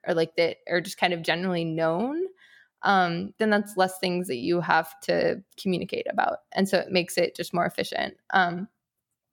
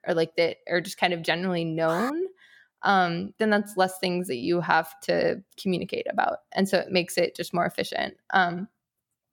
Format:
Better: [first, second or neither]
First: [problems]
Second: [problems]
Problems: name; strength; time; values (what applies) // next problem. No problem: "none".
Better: first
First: none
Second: alarm; noticeable; at 2 s; peak 7 dB below the speech